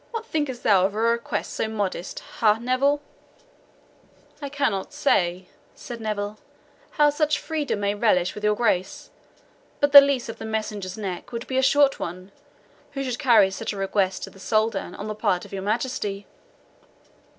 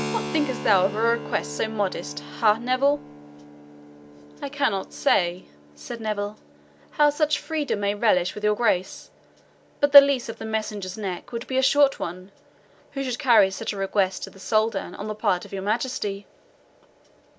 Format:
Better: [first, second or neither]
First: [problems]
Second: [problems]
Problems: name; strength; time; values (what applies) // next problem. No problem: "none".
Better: first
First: none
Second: background sound (Keyboard (musical)); 16 dB below the speech